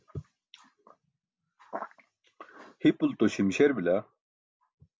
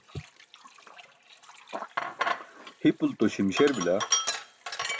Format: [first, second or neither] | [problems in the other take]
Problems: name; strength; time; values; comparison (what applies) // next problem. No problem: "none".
first | background sound (Sink (filling or washing)); 5 dB below the speech